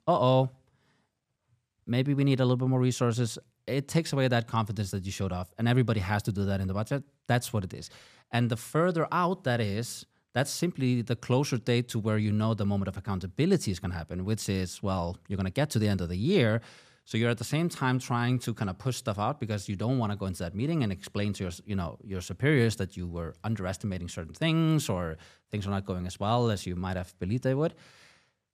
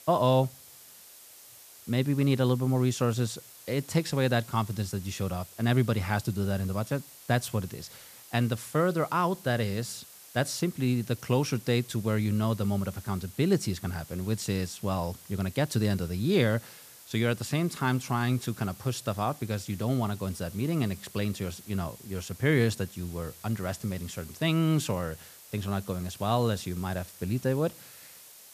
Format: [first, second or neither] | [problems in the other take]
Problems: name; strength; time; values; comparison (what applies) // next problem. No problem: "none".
first | hiss; noticeable; throughout; 20 dB below the speech